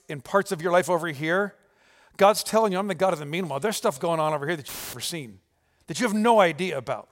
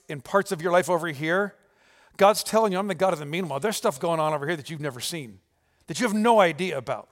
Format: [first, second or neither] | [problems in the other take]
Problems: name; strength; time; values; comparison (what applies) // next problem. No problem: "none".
second | audio cutting out; filled with static; at 4.5 s